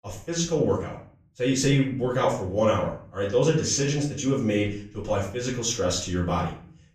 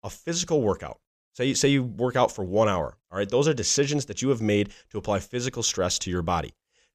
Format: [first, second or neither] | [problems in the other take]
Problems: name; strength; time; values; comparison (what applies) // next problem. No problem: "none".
second | off-mic speech; far // room echo; slight; dies away in 0.4 s